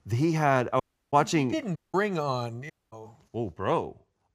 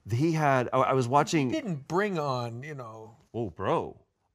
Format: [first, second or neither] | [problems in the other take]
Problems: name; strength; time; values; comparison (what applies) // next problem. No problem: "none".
second | audio cutting out; at 1 s, at 2 s and at 2.5 s